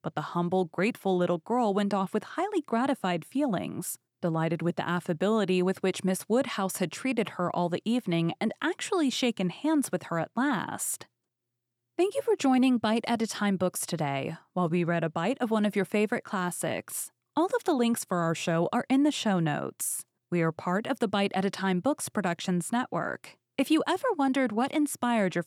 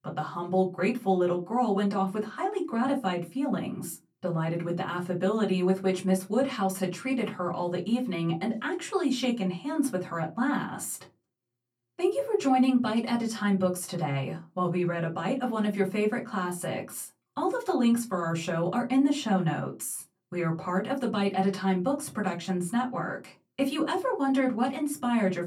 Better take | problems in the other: first | off-mic speech; far // room echo; very slight; dies away in 0.2 s

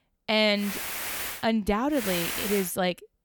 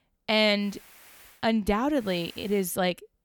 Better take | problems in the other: second | hiss; loud; at 0.5 s and at 2 s; 5 dB below the speech; faint in the second

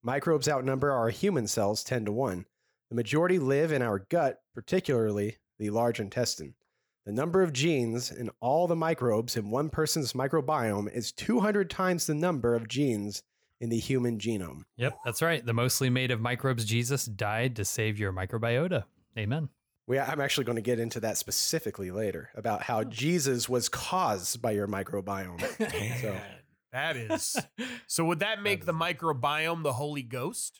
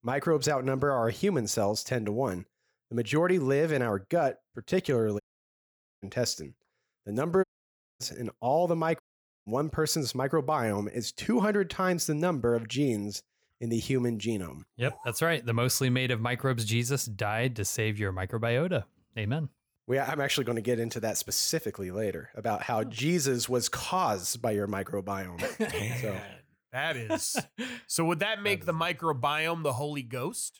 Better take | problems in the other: first | audio cutting out; at 5 s for 1 s, at 7.5 s for 0.5 s and at 9 s

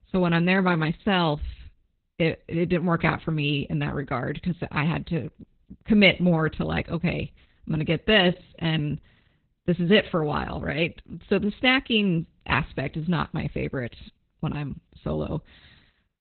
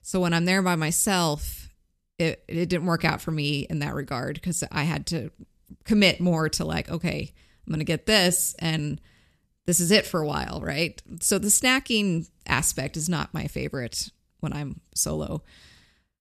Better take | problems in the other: second | garbled, watery; badly; nothing above 4 kHz

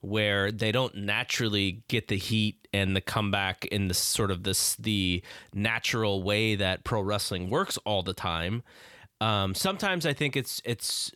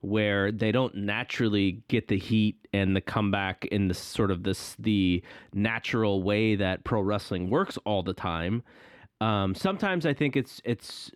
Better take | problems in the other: first | muffled; slightly; fading above 4 kHz

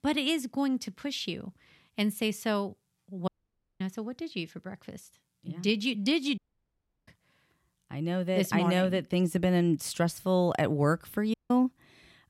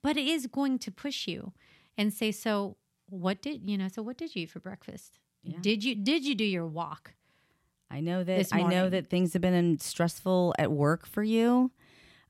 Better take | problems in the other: second | audio cutting out; at 3.5 s for 0.5 s, at 6.5 s for 0.5 s and at 11 s

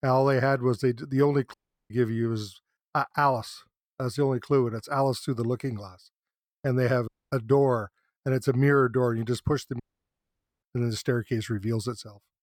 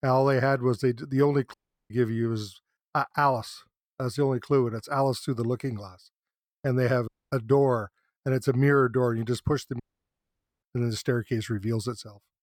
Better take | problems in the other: neither | audio cutting out; at 1.5 s, at 7 s and at 10 s for 1 s; the same in both

